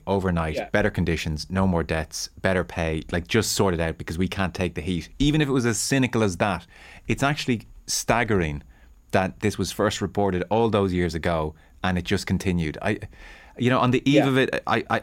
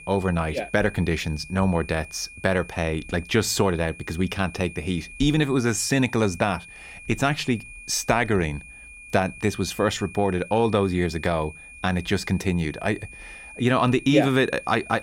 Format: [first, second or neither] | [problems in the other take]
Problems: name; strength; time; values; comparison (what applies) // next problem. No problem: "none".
first | high-pitched whine; noticeable; throughout; 2.5 kHz, 15 dB below the speech